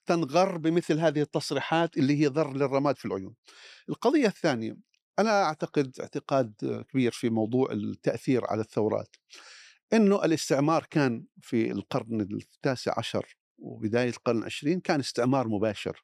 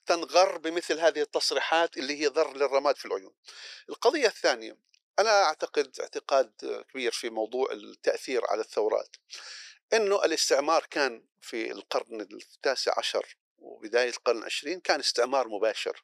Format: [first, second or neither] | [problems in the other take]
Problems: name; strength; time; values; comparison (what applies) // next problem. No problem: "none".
first | thin; very; fading below 450 Hz